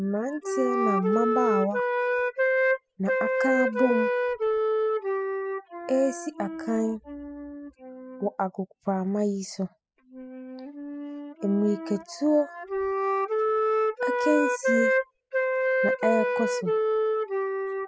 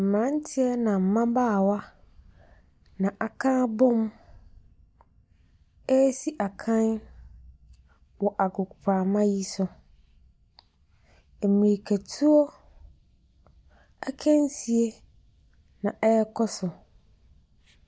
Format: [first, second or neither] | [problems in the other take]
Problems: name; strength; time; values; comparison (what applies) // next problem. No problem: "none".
second | noise reduction (classical method spectral subtraction)